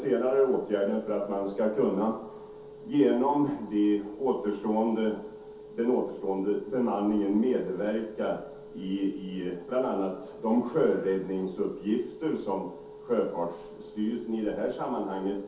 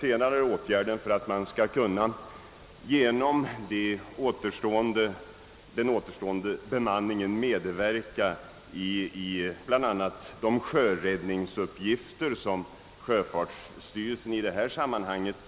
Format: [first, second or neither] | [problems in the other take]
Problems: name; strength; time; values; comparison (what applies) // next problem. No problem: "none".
second | background sound (Telephone); 18 dB below the speech // room echo; dies away in 0.5 s